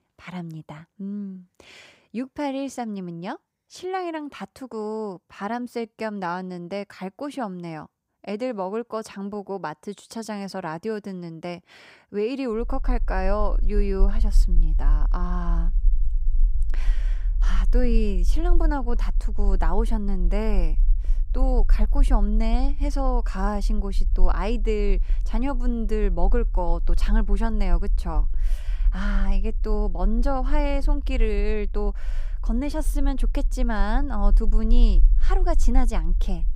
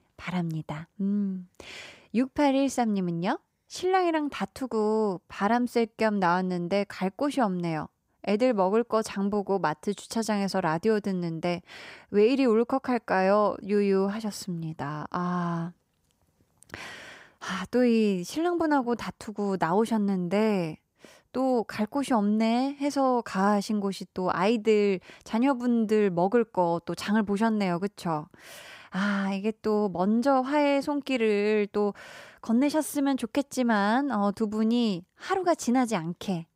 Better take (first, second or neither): second